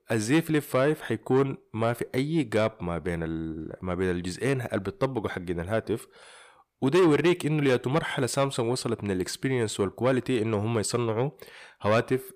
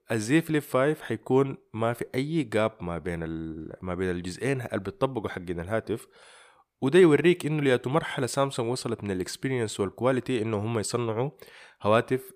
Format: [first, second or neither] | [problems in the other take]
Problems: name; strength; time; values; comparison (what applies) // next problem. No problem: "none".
second | distortion; slight; 10 dB below the speech